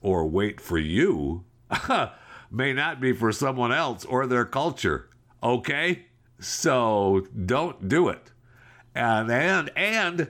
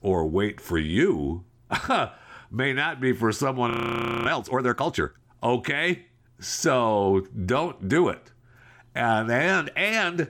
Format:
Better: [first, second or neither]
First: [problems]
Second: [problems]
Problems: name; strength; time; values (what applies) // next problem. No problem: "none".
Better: first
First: none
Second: audio freezing; at 3.5 s for 0.5 s